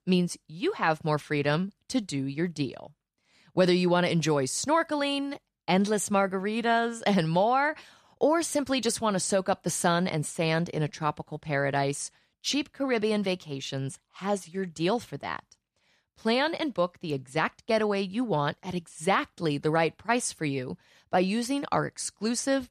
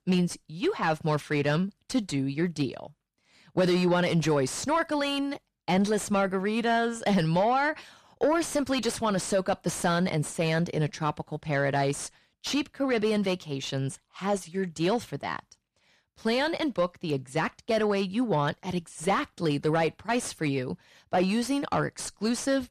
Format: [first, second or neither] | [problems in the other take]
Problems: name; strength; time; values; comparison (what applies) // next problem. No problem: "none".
first | distortion; slight; 10 dB below the speech